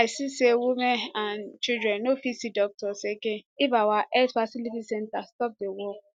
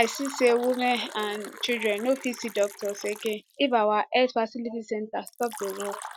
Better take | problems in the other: first | background sound (Fill (with liquid)); 16 dB below the speech

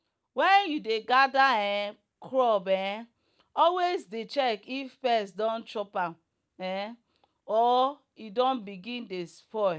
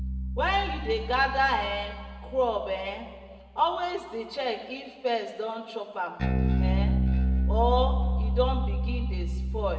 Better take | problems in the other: first | background sound (Bass guitar); 1 dB above the speech // room echo; dies away in 1.5 s

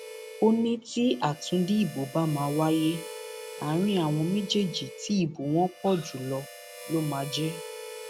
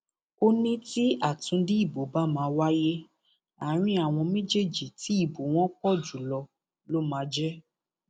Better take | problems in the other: second | background sound (Harmonica); 14 dB below the speech

